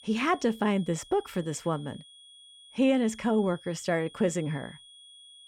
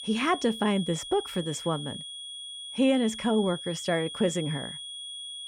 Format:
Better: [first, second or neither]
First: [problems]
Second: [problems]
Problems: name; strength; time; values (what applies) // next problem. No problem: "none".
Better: first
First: high-pitched whine; faint; throughout; 3.5 kHz, 20 dB below the speech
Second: high-pitched whine; loud; throughout; 3.5 kHz, 9 dB below the speech